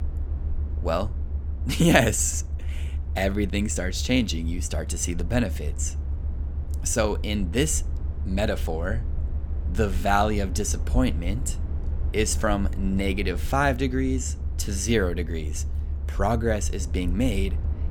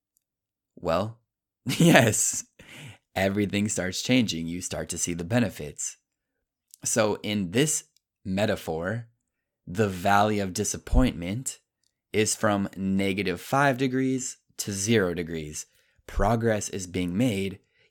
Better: second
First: low rumble; noticeable; throughout; 20 dB below the speech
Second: none

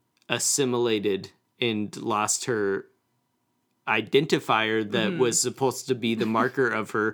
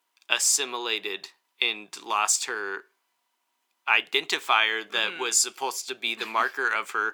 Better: first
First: none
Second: thin; very; fading below 850 Hz

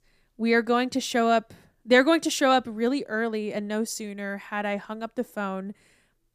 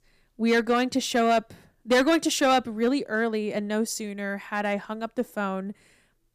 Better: first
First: none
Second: distortion; slight; 3% of the sound clipped

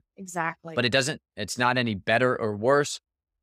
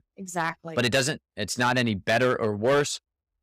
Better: first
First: none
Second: distortion; slight; 5% of the sound clipped

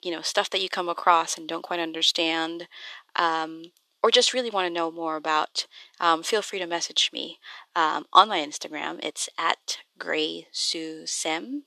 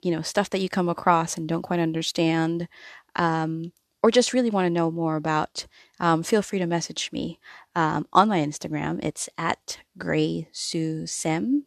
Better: second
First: thin; very; fading below 400 Hz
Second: none

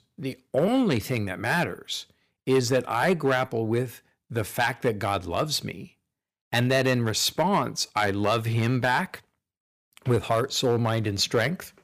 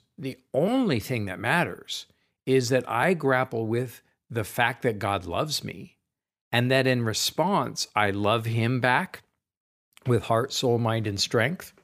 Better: second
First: distortion; slight; 3% of the sound clipped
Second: none

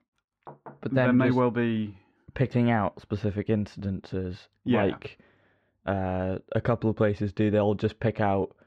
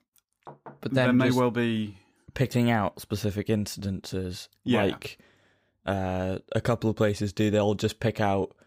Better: second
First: muffled; slightly; fading above 2.5 kHz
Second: none

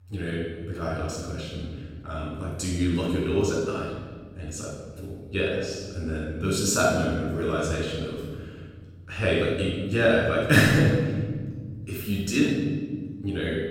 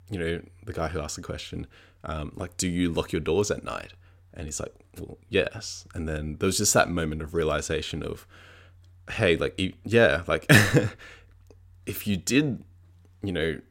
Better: second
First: off-mic speech; far // room echo; strong; dies away in 1.7 s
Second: none

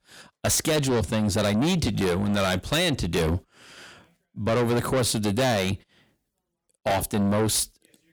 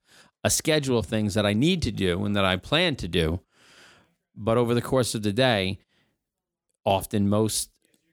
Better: second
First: distortion; heavy; 5 dB below the speech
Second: none

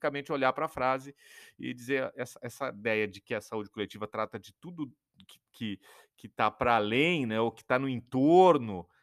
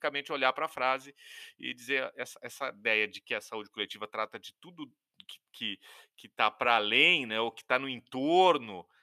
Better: first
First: none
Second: thin; very slightly; fading below 600 Hz

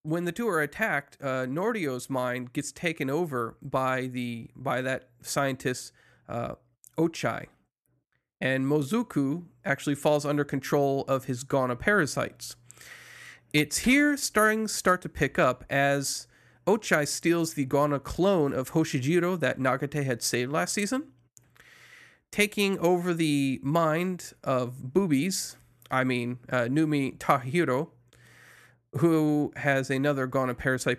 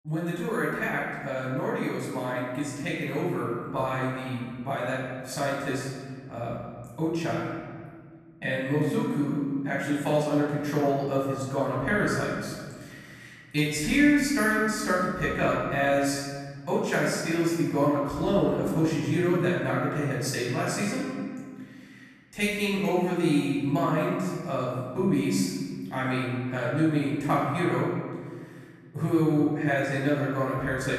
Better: first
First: none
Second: room echo; noticeable; dies away in 1.7 s // off-mic speech; far

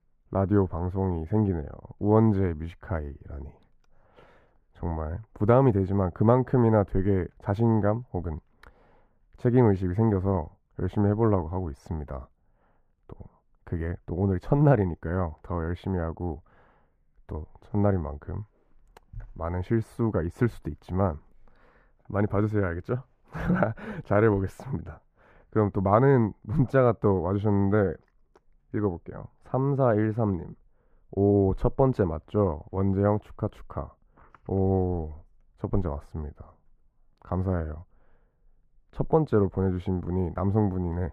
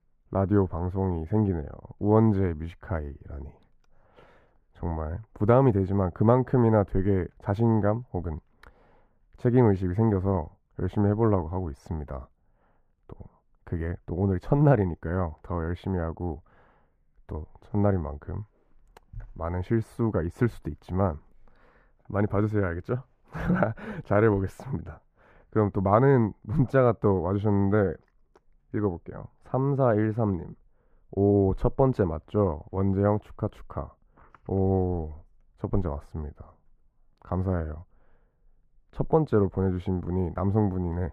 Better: neither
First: muffled; very; fading above 2.5 kHz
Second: muffled; very; fading above 2.5 kHz

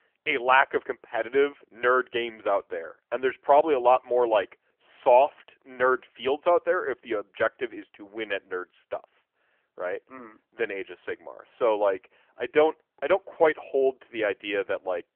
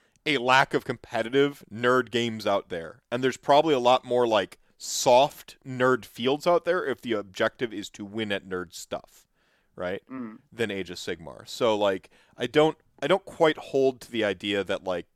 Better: second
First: phone-call audio; nothing above 3 kHz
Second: none

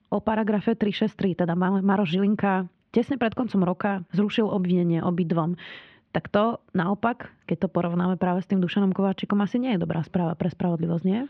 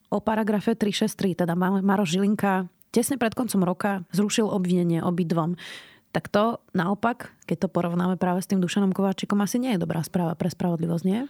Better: second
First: muffled; very; fading above 3 kHz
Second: none

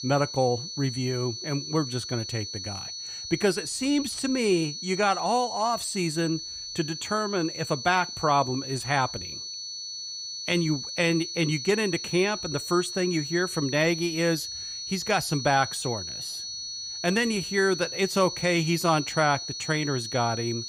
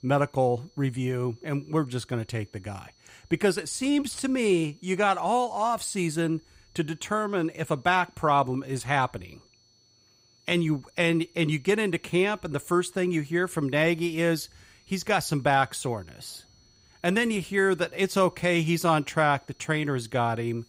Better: second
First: high-pitched whine; loud; throughout; 4.5 kHz, 7 dB below the speech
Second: high-pitched whine; faint; throughout; 4.5 kHz, 35 dB below the speech

